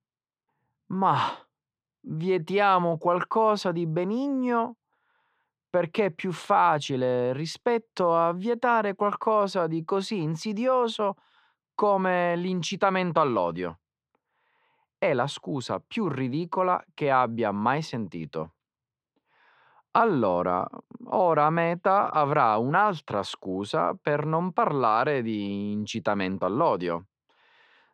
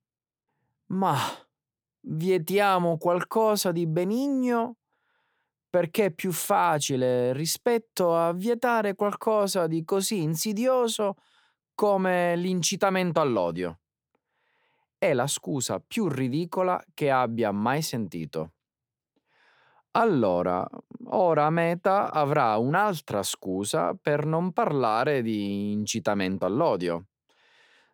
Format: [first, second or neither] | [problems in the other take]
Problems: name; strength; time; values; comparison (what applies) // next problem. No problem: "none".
second | muffled; slightly; fading above 3.5 kHz